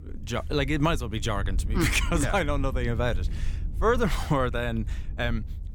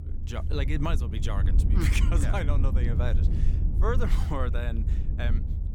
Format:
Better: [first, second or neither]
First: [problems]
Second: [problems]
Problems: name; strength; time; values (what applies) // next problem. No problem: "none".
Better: first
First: low rumble; faint; throughout; 20 dB below the speech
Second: low rumble; loud; throughout; 8 dB below the speech